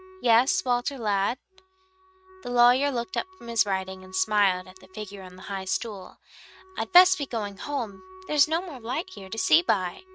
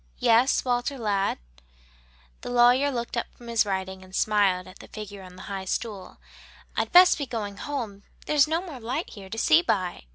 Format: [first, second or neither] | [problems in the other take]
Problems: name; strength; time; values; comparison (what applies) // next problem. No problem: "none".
second | noise reduction (neural mask model RNNoise)